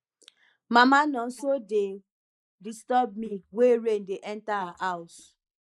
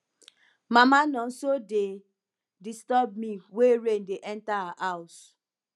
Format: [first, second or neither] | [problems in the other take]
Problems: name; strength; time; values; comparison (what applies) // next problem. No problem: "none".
second | noise reduction (neural mask model Resemble Enhance denoiser)